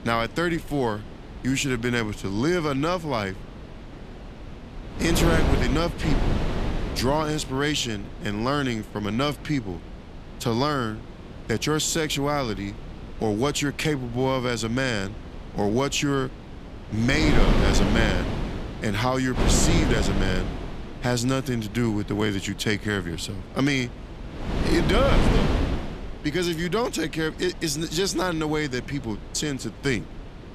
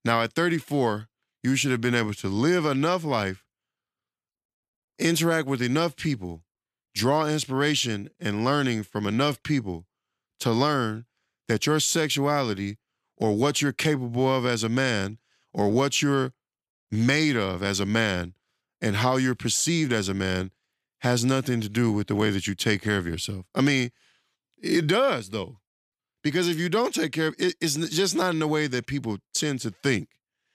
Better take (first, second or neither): second